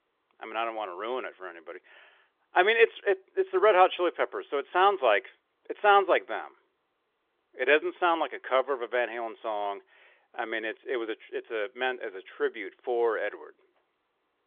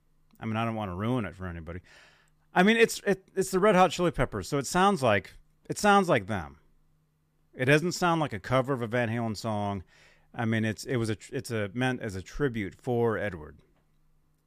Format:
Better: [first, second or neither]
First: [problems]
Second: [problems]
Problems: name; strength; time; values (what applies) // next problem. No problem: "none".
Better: second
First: phone-call audio; nothing above 3.5 kHz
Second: none